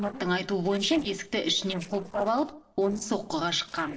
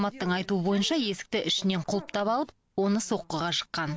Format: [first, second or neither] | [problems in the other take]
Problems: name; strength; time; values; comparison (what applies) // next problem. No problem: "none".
second | noise reduction (neural separator model SepFormer DNS4)